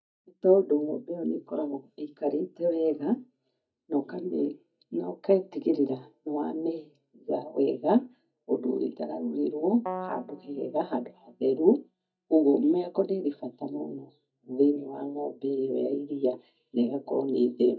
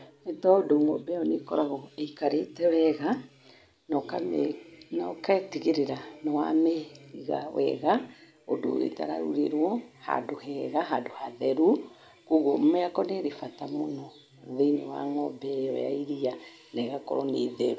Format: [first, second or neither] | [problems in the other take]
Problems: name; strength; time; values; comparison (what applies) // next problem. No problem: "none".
second | noise reduction (neural mask model DeepFilterNet 3)